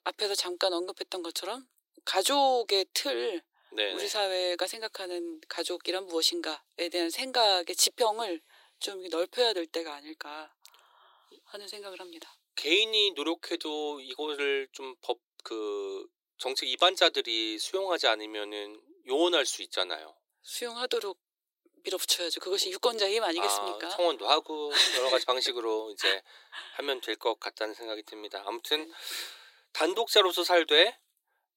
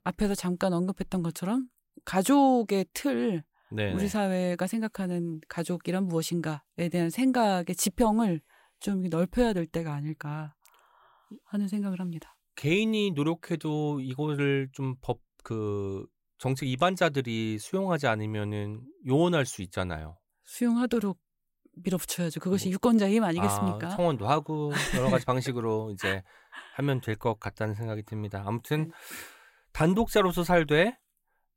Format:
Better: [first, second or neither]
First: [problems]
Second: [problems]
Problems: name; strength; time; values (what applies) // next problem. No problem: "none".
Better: second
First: thin; very; fading below 350 Hz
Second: none